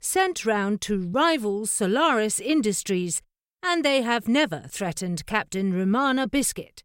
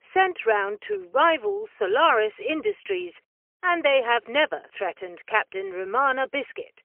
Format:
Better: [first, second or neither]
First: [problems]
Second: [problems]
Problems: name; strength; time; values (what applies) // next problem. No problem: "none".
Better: first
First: none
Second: phone-call audio; poor line; nothing above 3 kHz